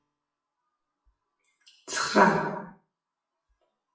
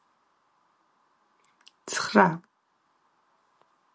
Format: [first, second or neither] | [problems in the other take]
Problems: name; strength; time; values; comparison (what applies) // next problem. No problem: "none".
second | noise reduction (classical method WPE with log-MMSE)